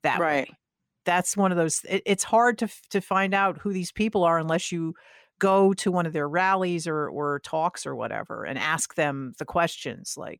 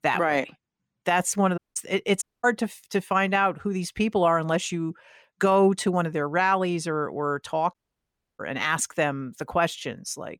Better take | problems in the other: first | audio cutting out; at 1.5 s, at 2 s and at 7.5 s for 0.5 s

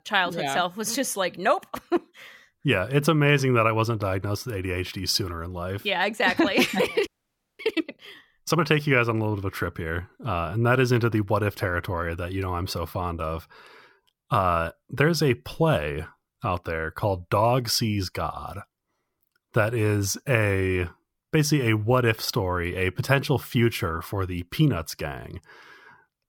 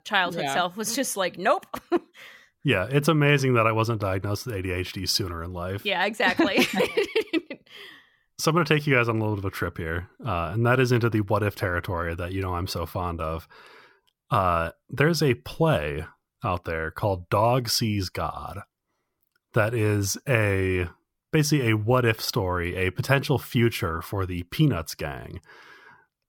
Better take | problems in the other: second | audio freezing; at 7 s for 0.5 s

